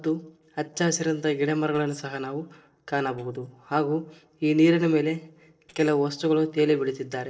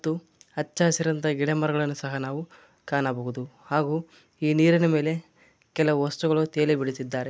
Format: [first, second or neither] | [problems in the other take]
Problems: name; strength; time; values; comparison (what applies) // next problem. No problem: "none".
second | noise reduction (neural separator model SepFormer DNS4)